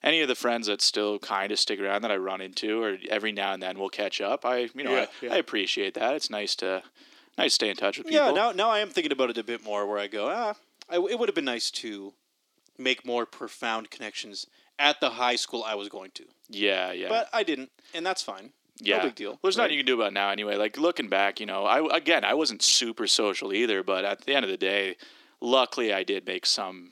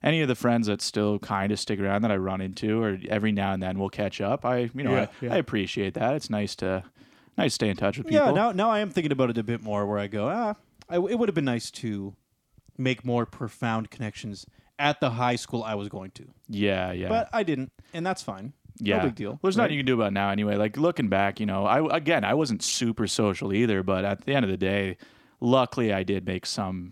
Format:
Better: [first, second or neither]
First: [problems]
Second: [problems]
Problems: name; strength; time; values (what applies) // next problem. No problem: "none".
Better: second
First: thin; somewhat; fading below 350 Hz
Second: none